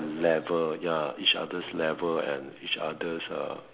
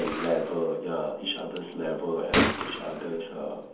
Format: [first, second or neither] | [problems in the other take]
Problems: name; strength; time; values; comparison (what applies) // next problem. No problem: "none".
first | background sound (Gunshot, gunfire); 2 dB below the speech // room echo; dies away in 0.6 s